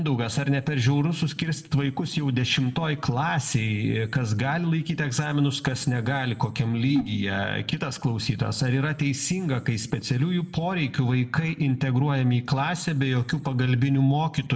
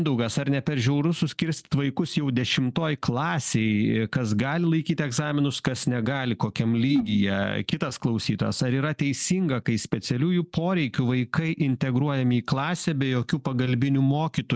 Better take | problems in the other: second | room echo; dies away in 0.6 s

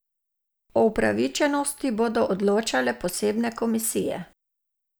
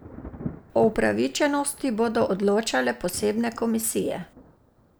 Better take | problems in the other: first | background sound (Thunder); 17 dB below the speech

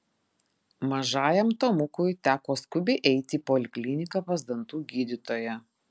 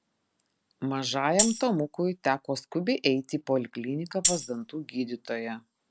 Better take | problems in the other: first | background sound (Tambourine); 2 dB below the speech

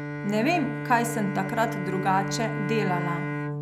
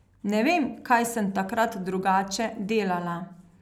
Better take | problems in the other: second | background sound (Bowed string instrument); 4 dB below the speech

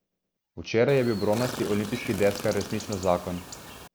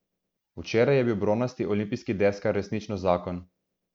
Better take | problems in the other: second | background sound (Chirp, tweet); 11 dB below the speech

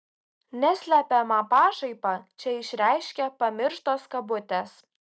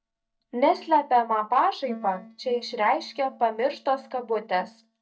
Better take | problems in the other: first | noise reduction (neural mask model DeepFilterNet 3)

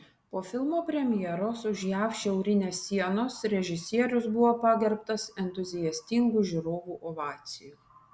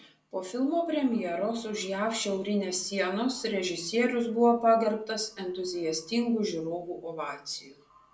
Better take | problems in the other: first | room echo; dies away in 0.2 s

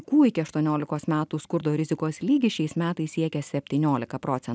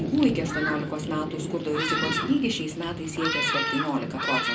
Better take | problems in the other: first | background sound (Thunderstorm); 2 dB below the speech // room echo; dies away in 0.2 s

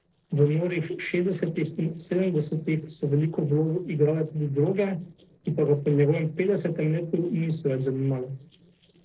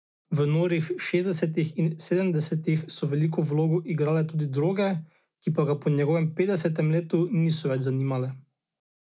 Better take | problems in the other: second | noise reduction (neural separator model SepFormer DNS4)

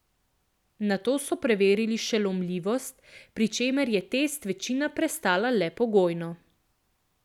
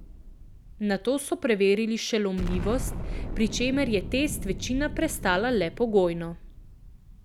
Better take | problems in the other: first | background sound (Explosion); 8 dB below the speech

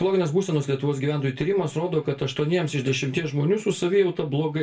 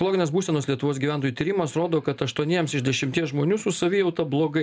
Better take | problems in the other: second | room echo; dies away in 0.2 s

